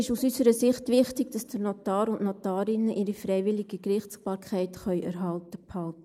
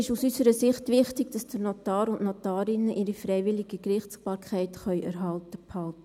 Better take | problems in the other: second | noise reduction (neural mask model Resemble Enhance denoiser)

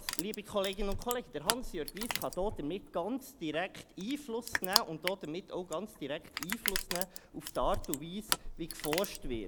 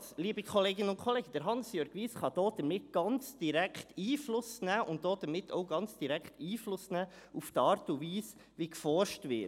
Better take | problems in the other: second | background sound (Crushing); 1 dB below the speech

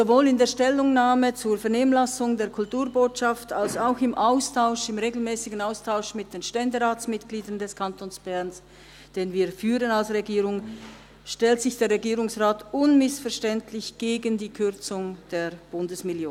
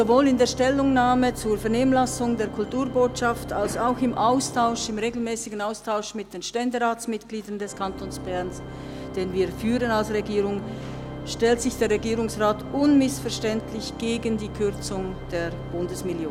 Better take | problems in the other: first | background sound (Organ); 11 dB below the speech

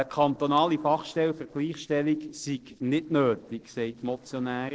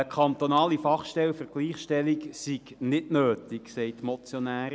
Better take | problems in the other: second | noise reduction (neural separator model SepFormer DNS4)

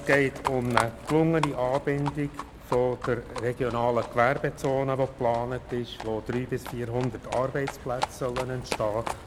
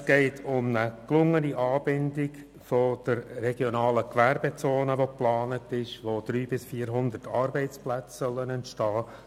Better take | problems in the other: second | background sound (Livestock, farm animals, working animals); 9 dB below the speech

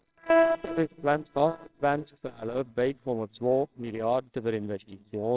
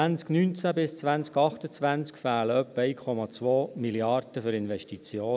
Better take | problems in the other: second | noise reduction (neural separator model SepFormer WHAMR!)

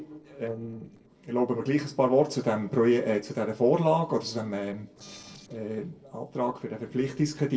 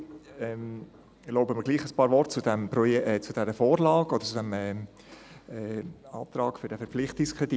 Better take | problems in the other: second | noise reduction (neural separator model SepFormer DNS4)

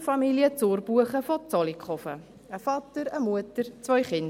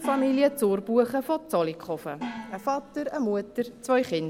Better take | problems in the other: first | background sound (Gong); 16 dB below the speech

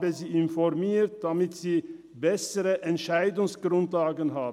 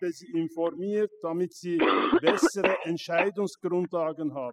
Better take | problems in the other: first | noise reduction (classical method spectral subtraction)

